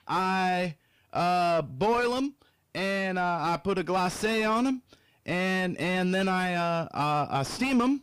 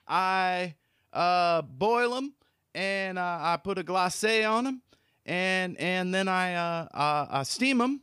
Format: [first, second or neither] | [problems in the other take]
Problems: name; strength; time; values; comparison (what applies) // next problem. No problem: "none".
second | distortion; heavy; 6 dB below the speech